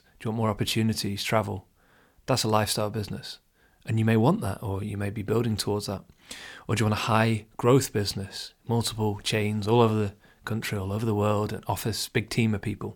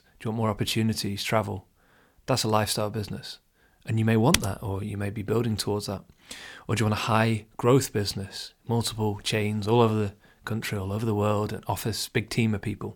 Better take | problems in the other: first | keyboard typing; very faint; at 4.5 s; peak level with the speech

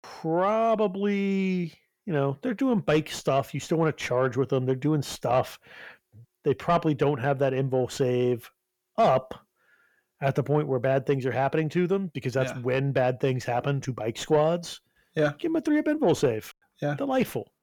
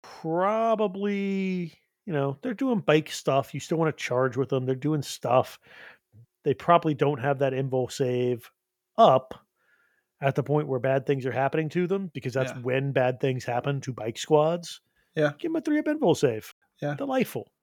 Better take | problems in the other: second | distortion; slight; 10 dB below the speech

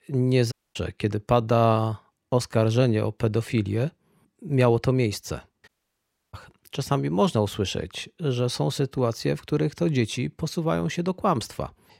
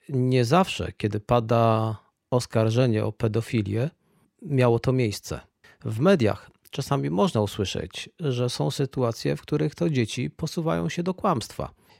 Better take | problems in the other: second | audio cutting out; at 0.5 s and at 5.5 s for 0.5 s

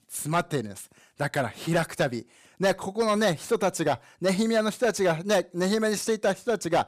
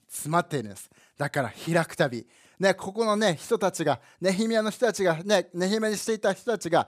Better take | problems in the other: second | distortion; slight; 5% of the sound clipped

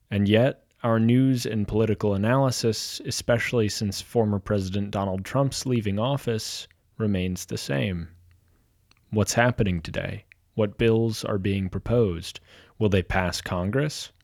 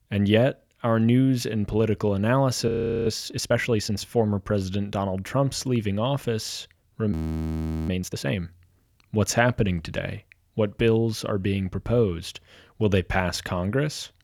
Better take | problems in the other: first | audio freezing; at 2.5 s and at 7 s for 1 s

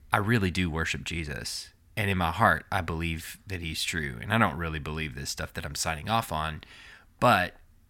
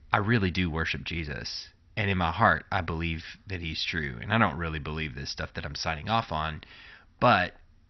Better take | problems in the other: first | garbled, watery; slightly; nothing above 6 kHz

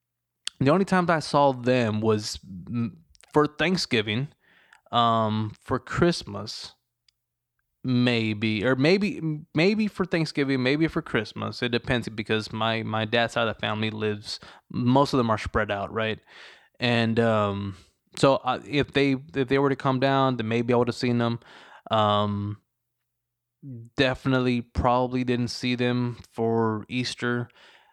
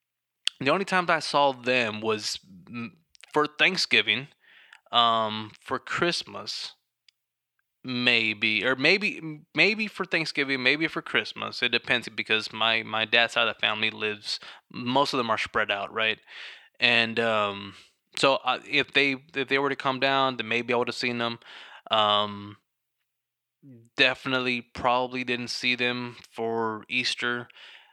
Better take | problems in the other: first | thin; somewhat; fading below 1 kHz

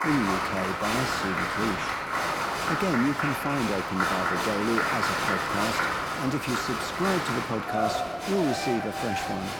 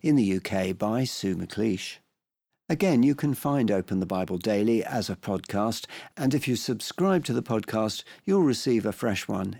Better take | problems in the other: second | crowd noise; very loud; throughout; 3 dB above the speech

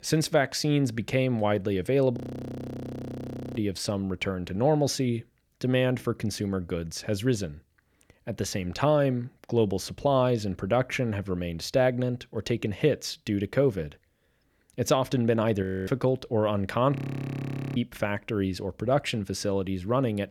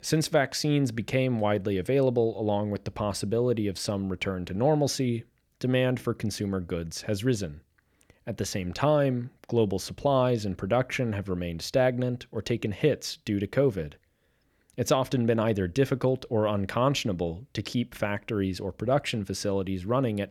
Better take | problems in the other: second | audio freezing; at 2 s for 1.5 s, at 16 s and at 17 s for 1 s

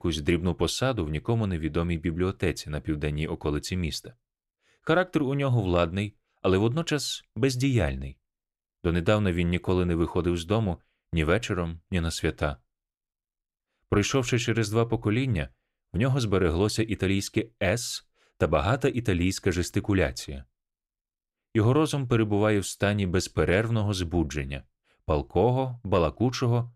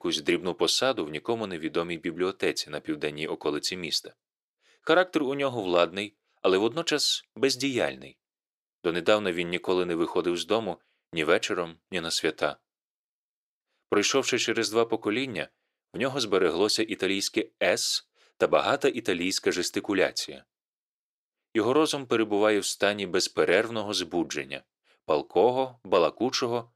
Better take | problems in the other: first | thin; somewhat; fading below 400 Hz

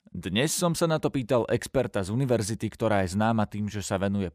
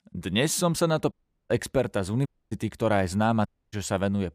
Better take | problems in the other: first | audio cutting out; at 1 s, at 2.5 s and at 3.5 s

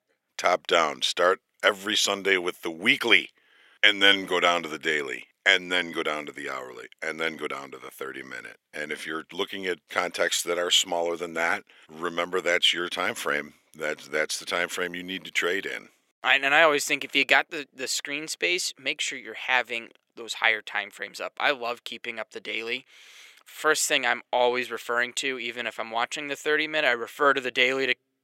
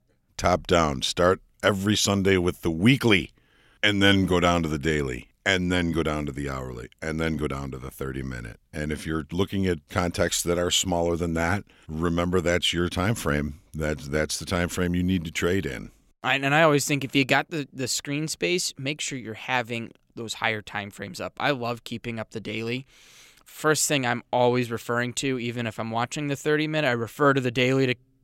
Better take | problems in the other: second | thin; somewhat; fading below 450 Hz

